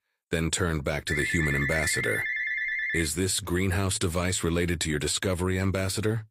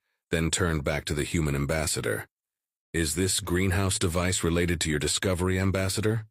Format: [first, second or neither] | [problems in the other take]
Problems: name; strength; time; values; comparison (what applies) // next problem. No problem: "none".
second | phone ringing; loud; from 1 to 3 s; peak level with the speech